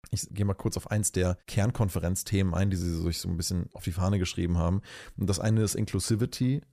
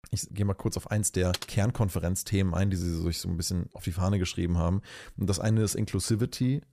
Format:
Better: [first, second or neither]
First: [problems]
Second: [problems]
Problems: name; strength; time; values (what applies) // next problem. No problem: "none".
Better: first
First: none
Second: keyboard typing; noticeable; at 1.5 s; peak 8 dB below the speech